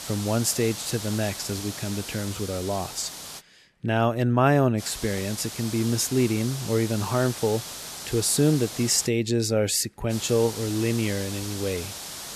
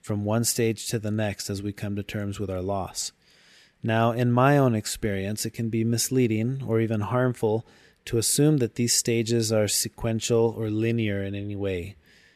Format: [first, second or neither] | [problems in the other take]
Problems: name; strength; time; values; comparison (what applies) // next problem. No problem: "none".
second | hiss; loud; until 3.5 s, from 5 to 9 s and from 10 s on; 10 dB below the speech